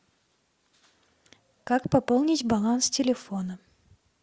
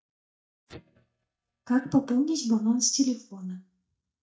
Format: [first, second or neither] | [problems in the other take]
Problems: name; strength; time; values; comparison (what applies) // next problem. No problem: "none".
first | noise reduction (neural mask model DeepFilterNet 3)